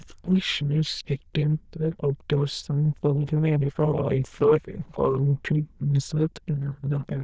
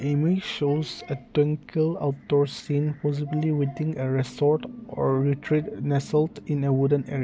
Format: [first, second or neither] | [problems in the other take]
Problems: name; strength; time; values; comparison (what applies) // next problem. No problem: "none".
second | noise reduction (neural diffusion model UNIVERSE++)